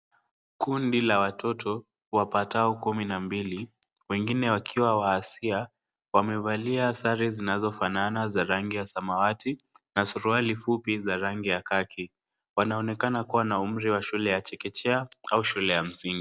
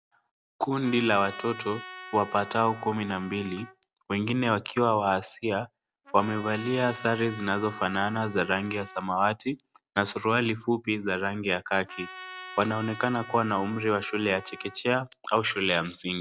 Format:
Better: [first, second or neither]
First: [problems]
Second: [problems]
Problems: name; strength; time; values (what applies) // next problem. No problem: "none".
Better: first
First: none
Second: background sound (Trumpet); 16 dB below the speech